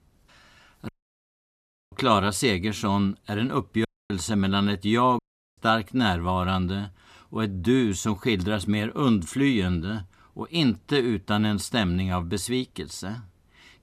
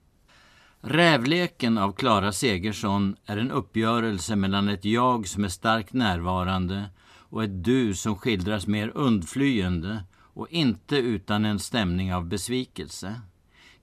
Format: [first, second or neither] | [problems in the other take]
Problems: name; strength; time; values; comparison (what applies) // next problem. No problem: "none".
second | audio cutting out; at 1 s for 1 s, at 4 s and at 5 s